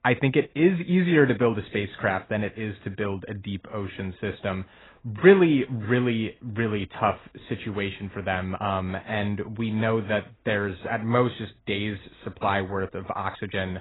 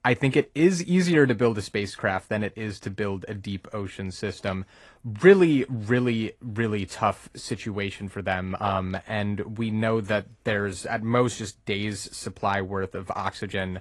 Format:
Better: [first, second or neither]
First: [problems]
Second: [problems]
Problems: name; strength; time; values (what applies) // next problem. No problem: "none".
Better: second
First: garbled, watery; badly; nothing above 4 kHz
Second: garbled, watery; slightly; nothing above 11 kHz